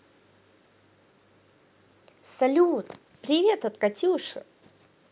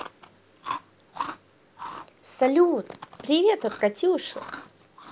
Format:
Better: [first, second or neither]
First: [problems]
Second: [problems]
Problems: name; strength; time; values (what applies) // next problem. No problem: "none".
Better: first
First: none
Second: background sound (Chewing, mastication); 14 dB below the speech